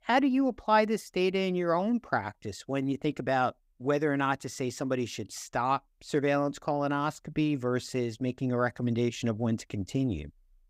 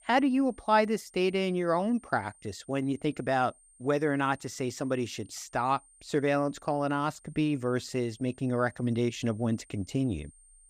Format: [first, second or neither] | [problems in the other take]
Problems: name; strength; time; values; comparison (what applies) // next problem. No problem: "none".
first | high-pitched whine; faint; throughout; 8.5 kHz, 25 dB below the speech